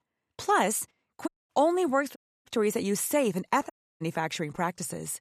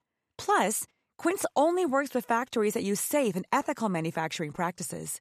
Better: second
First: audio cutting out; at 1.5 s, at 2 s and at 3.5 s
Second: none

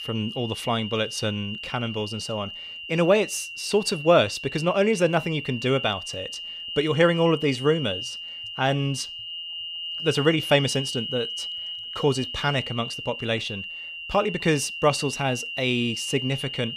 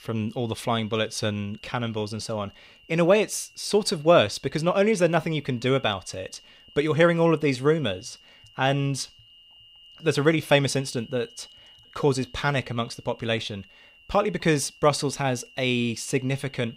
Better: second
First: high-pitched whine; loud; throughout; 3 kHz, 7 dB below the speech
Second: high-pitched whine; faint; throughout; 3 kHz, 25 dB below the speech

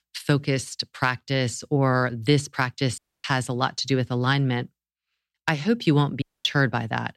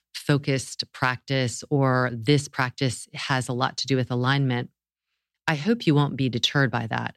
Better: second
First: audio cutting out; at 3 s and at 6 s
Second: none

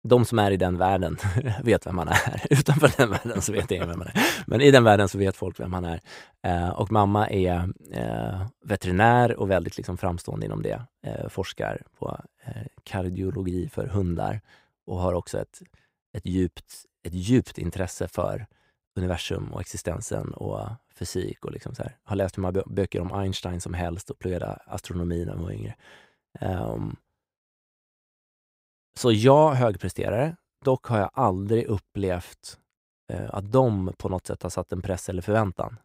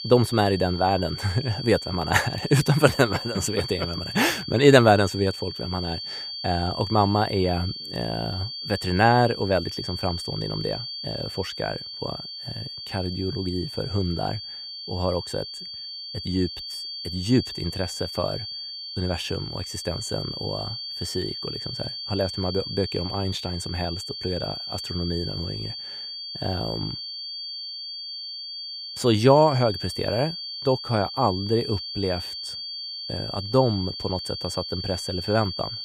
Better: first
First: none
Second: high-pitched whine; loud; throughout; 4.5 kHz, 7 dB below the speech

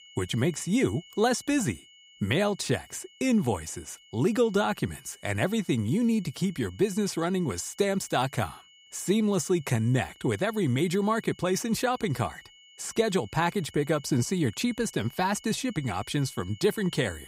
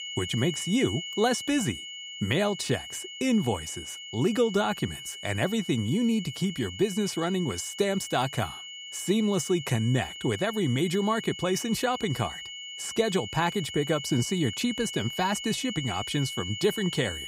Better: first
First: high-pitched whine; faint; throughout; 3 kHz, 25 dB below the speech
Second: high-pitched whine; loud; throughout; 3 kHz, 9 dB below the speech

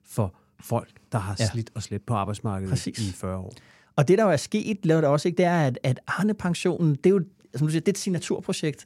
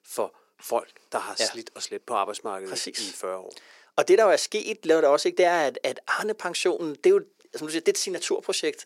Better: first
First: none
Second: thin; very; fading below 400 Hz

